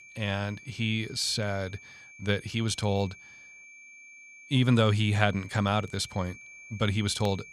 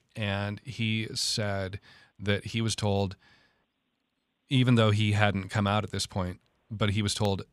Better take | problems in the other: second | high-pitched whine; noticeable; throughout; 2.5 kHz, 20 dB below the speech

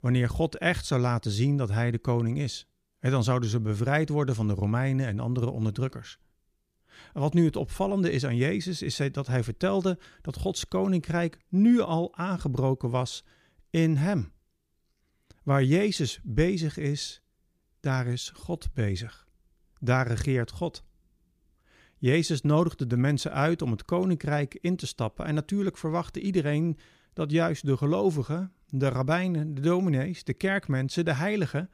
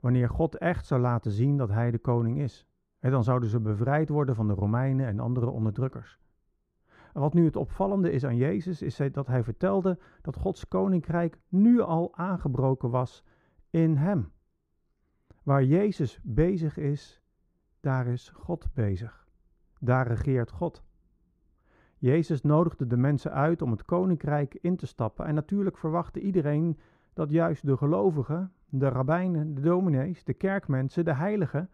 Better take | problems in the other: first | muffled; very; fading above 2 kHz

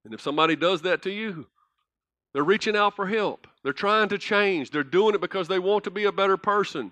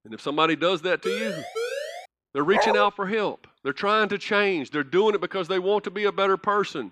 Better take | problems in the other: first | siren; noticeable; from 1 to 2 s; peak 6 dB below the speech // dog barking; loud; at 2.5 s; peak 1 dB above the speech

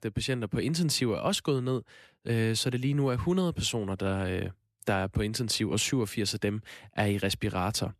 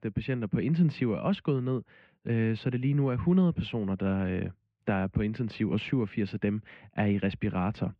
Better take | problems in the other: first | muffled; very; fading above 2.5 kHz

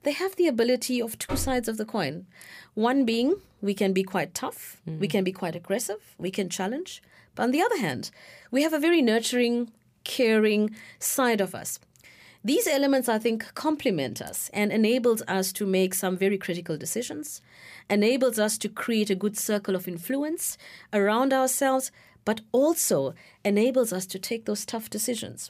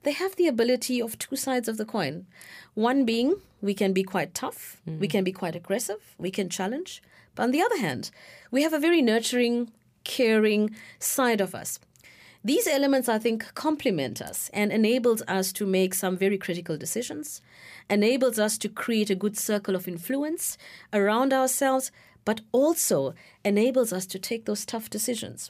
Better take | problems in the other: second | door banging; noticeable; at 1.5 s; peak 9 dB below the speech

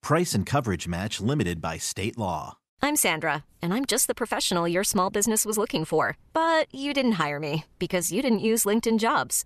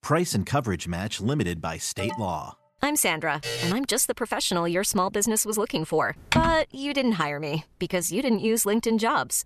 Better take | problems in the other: first | alarm; faint; at 2 s; peak 10 dB below the speech // alarm; noticeable; at 3.5 s; peak 4 dB below the speech // keyboard typing; noticeable; at 6.5 s; peak level with the speech

